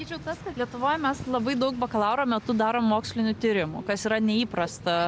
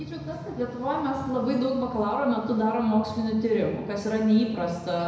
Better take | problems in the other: first | room echo; dies away in 1 s

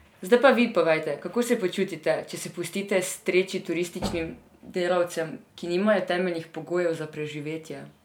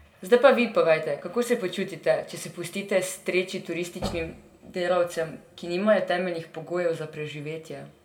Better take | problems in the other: first | room echo; dies away in 1.5 s

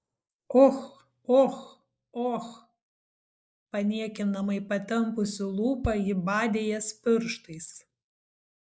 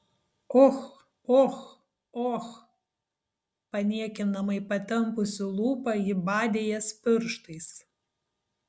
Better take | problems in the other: second | noise reduction (neural mask model Resemble Enhance denoiser)

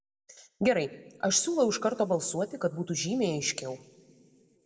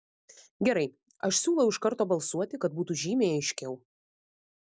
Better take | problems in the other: second | room echo; dies away in 0.9 s

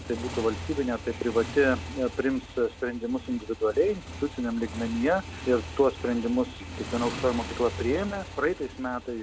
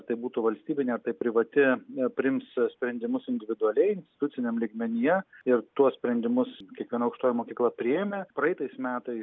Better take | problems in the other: second | background sound (Motorcycle); 11 dB below the speech

